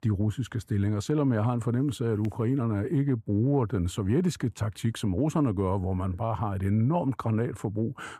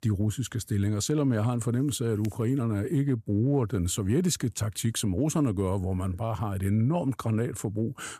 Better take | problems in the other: second | muffled; slightly; fading above 3.5 kHz

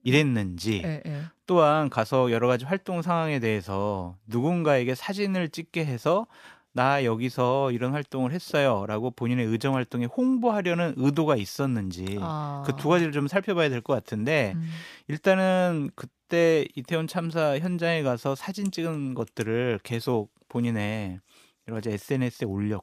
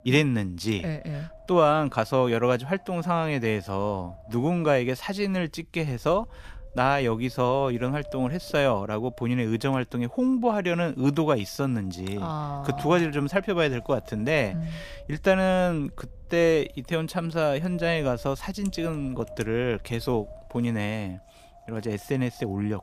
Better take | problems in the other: first | wind noise on the microphone; occasional gusts; 20 dB below the speech

